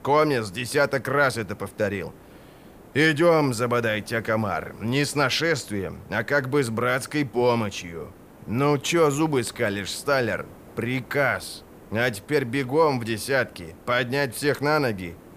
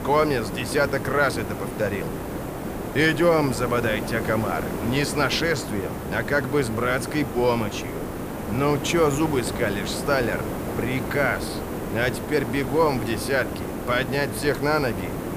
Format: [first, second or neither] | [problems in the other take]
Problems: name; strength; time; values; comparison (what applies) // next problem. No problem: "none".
first | hiss; loud; throughout; 6 dB below the speech; faint in the first